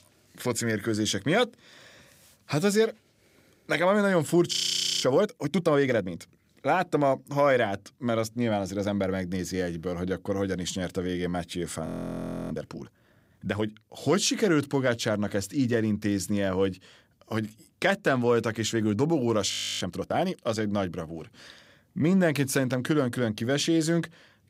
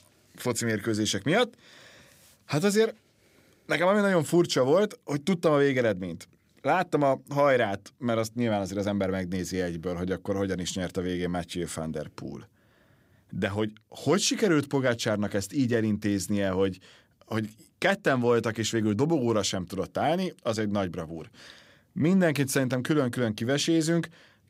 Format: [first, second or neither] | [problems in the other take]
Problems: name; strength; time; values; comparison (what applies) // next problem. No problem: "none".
second | audio freezing; at 4.5 s, at 12 s for 0.5 s and at 20 s